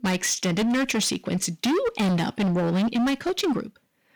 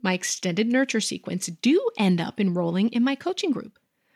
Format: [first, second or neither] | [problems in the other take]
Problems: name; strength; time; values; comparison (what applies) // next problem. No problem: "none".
second | distortion; heavy; 25% of the sound clipped